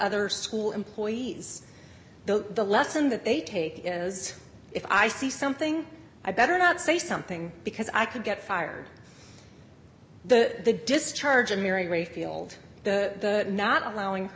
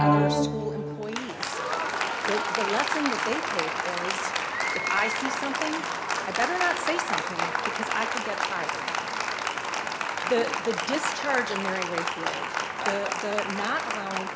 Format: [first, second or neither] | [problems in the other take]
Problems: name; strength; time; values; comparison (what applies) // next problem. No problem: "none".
first | background sound (Applause); 4 dB above the speech